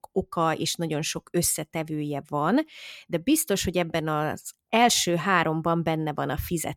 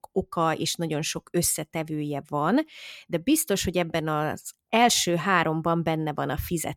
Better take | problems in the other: neither | none

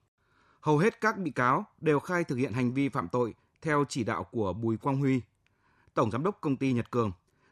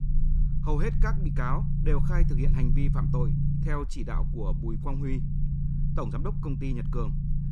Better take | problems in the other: first | low rumble; loud; throughout; 4 dB below the speech

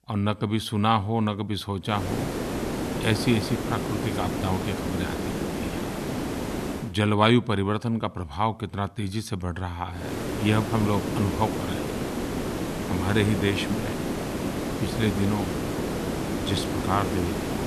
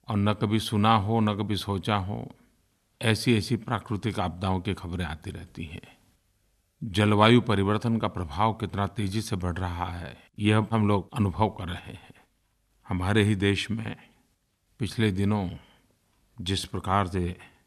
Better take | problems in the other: second | hiss; loud; from 2 to 7 s and from 10 s on; 3 dB below the speech

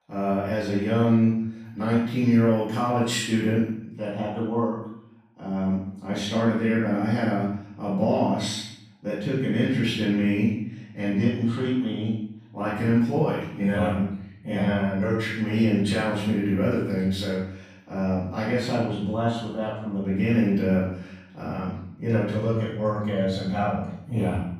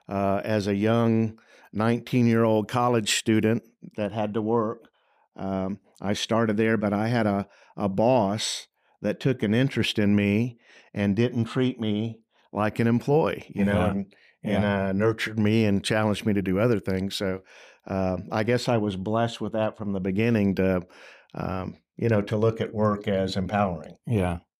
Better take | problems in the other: second | off-mic speech; far // room echo; noticeable; dies away in 0.6 s

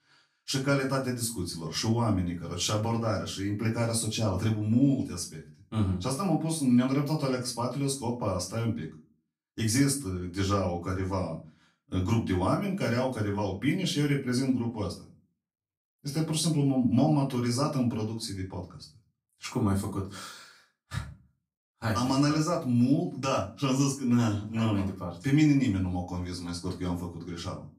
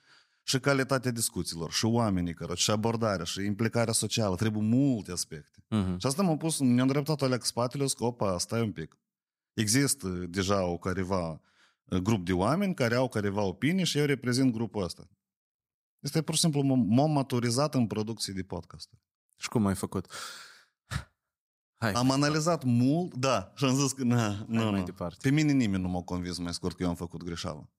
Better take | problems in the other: second | off-mic speech; far // room echo; slight; dies away in 0.3 s

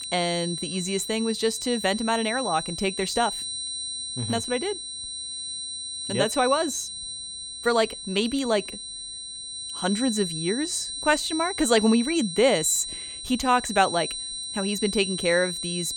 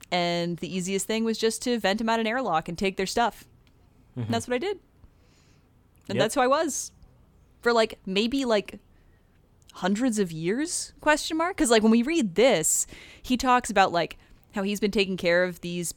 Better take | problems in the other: second | high-pitched whine; loud; throughout; 4 kHz, 6 dB below the speech

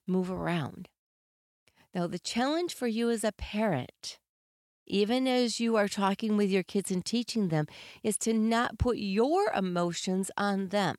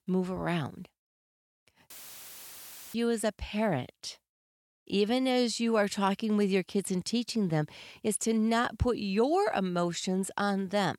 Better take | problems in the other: first | audio cutting out; filled with static; at 2 s for 1 s

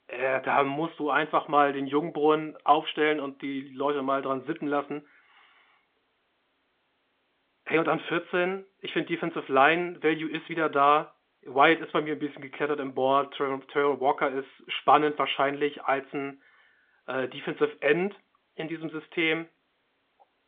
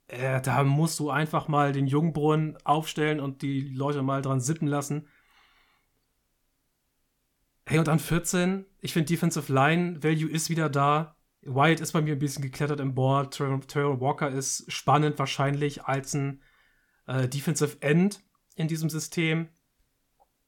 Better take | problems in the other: second | phone-call audio; nothing above 3.5 kHz

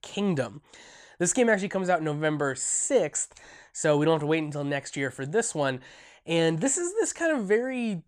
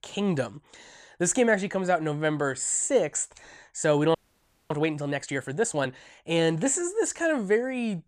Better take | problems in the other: first | audio freezing; at 4 s for 0.5 s

